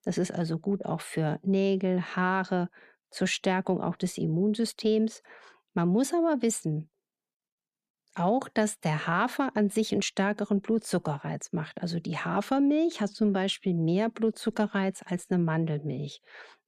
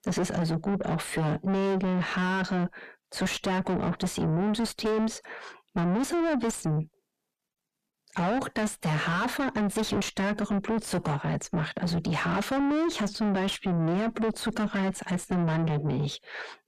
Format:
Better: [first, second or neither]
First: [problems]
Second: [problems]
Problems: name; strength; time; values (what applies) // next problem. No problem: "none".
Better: first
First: none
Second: distortion; heavy; 5 dB below the speech